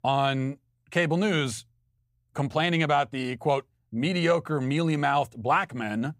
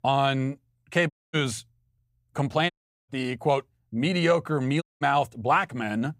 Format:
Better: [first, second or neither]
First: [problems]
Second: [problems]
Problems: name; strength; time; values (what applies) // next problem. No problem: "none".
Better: first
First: none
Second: audio cutting out; at 1 s, at 2.5 s and at 5 s